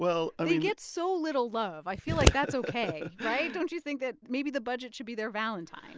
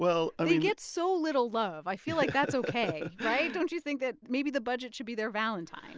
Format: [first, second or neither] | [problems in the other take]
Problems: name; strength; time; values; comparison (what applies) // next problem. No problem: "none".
second | background sound (Scissors); 2 dB above the speech